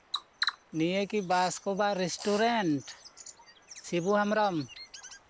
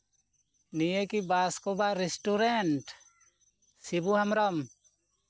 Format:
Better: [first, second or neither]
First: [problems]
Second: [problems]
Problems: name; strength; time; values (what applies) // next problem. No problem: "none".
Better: second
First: background sound (Bird vocalization, bird call, bird song); 12 dB below the speech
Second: none